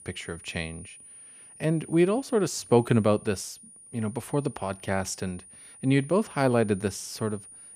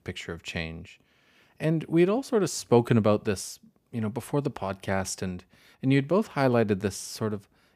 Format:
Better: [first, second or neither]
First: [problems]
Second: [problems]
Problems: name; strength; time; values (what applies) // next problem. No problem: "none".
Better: second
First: high-pitched whine; noticeable; throughout; 9.5 kHz, 20 dB below the speech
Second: none